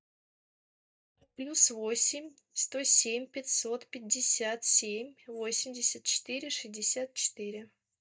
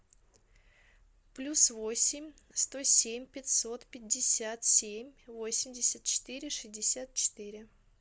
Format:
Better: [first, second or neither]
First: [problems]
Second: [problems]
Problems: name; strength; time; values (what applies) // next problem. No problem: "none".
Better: second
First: noise reduction (neural mask model DeepFilterNet 3)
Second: none